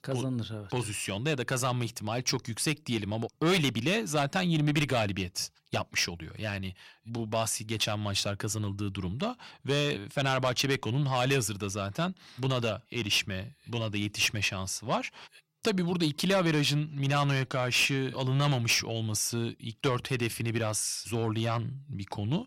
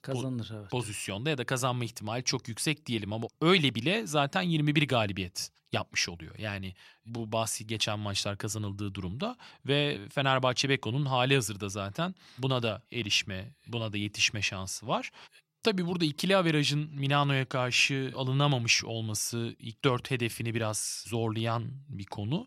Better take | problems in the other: second | distortion; slight; 10 dB below the speech

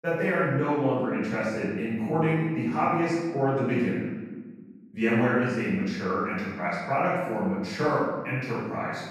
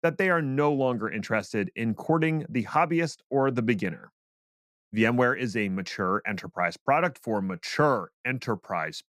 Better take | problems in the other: second | room echo; strong; dies away in 1.2 s // off-mic speech; far

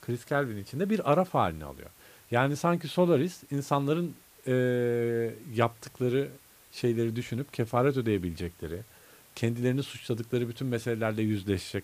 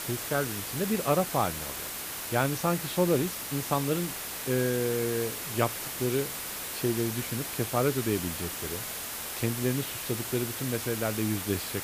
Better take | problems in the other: first | hiss; loud; throughout; 3 dB below the speech; faint in the first

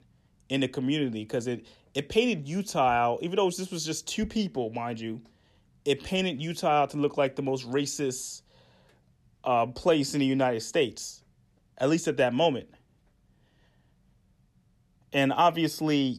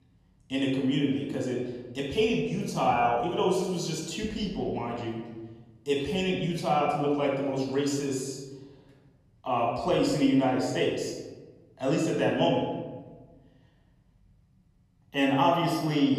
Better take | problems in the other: first | off-mic speech; far // room echo; noticeable; dies away in 1.2 s

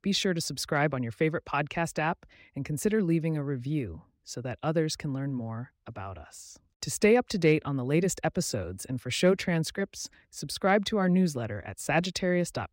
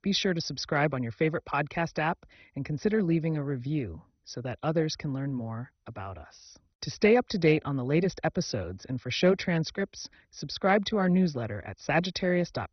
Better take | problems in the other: first | garbled, watery; badly; nothing above 6 kHz

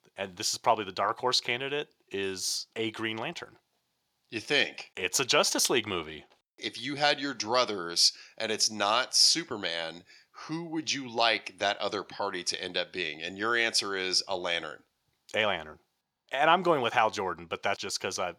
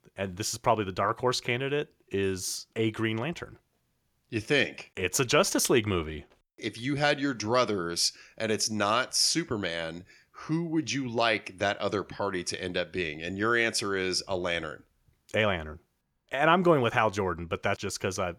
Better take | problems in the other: second | thin; very slightly; fading below 350 Hz

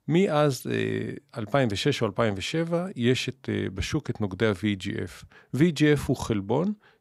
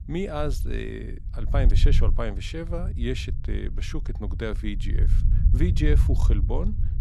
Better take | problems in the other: first | low rumble; loud; throughout; 10 dB below the speech

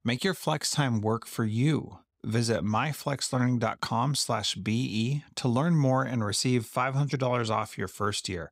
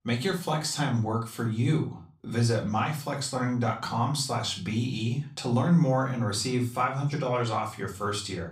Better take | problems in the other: first | room echo; slight; dies away in 0.3 s // off-mic speech; far

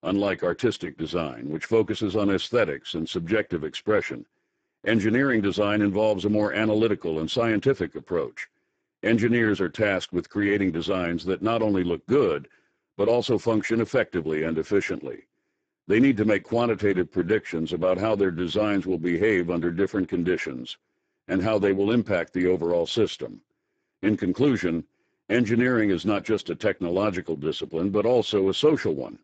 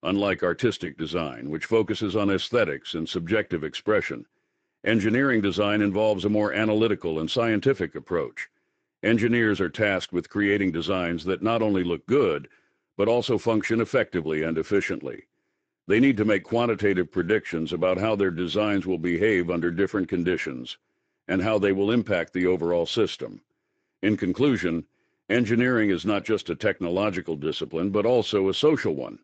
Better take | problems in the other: second | garbled, watery; badly; nothing above 7.5 kHz; slightly in the second

